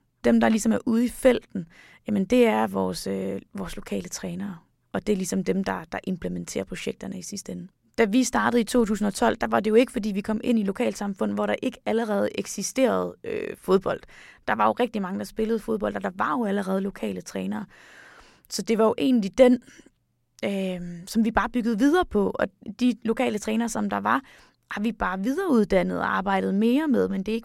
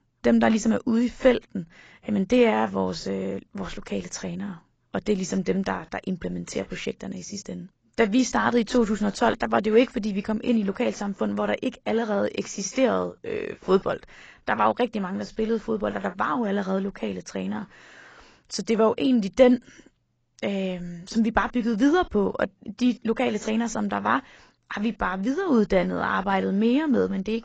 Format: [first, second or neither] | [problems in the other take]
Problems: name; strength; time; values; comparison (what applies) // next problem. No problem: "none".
first | garbled, watery; badly; nothing above 7.5 kHz